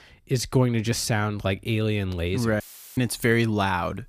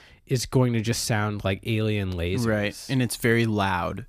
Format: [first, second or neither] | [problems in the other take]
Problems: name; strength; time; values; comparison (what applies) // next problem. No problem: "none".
second | audio cutting out; filled with static; at 2.5 s